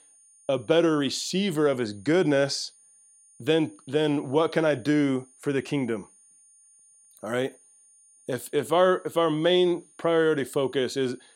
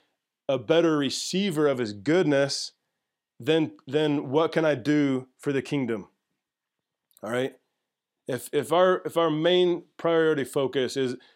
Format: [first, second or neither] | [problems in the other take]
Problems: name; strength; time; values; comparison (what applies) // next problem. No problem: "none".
second | high-pitched whine; faint; throughout; 9 kHz, 30 dB below the speech